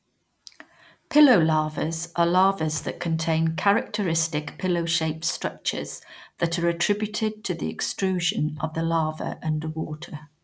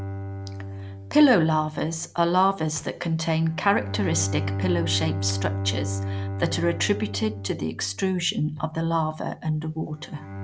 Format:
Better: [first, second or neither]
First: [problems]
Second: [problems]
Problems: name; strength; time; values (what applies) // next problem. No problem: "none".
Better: first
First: none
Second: background sound (Bowed string instrument); 7 dB below the speech